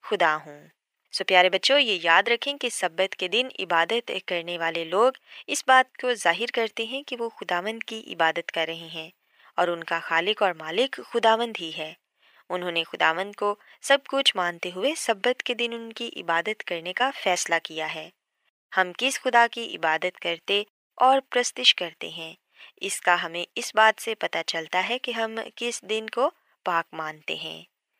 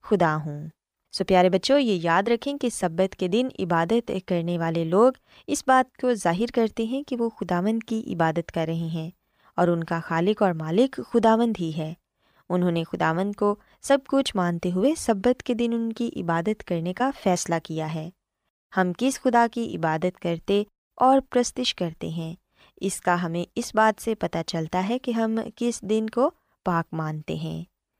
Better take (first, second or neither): second